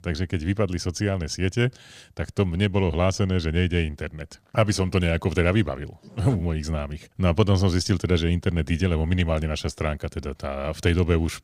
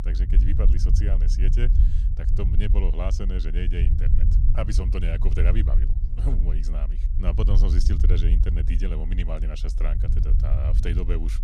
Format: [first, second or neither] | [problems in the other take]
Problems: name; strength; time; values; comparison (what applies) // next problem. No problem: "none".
first | low rumble; loud; throughout; 6 dB below the speech